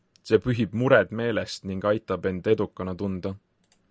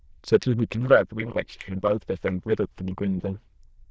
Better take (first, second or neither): first